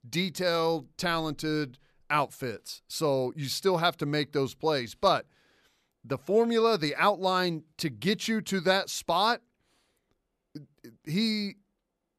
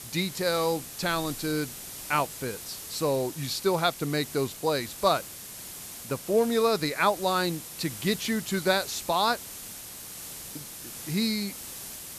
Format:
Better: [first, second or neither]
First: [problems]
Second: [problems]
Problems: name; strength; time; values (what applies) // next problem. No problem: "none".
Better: first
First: none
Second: hiss; noticeable; throughout; 10 dB below the speech